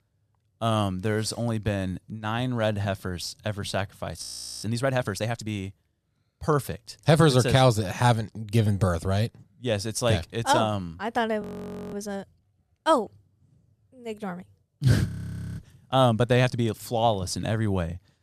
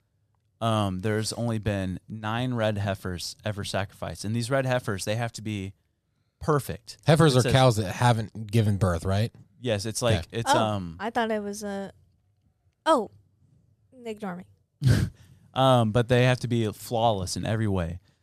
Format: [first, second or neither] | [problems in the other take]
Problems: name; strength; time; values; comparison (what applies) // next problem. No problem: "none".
second | audio freezing; at 4 s, at 11 s for 0.5 s and at 15 s for 0.5 s